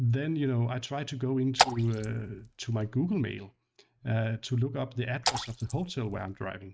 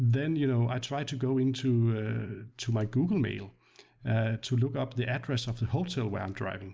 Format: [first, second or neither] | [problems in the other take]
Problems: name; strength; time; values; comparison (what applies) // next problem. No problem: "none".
second | noise reduction (neural mask model RNNoise)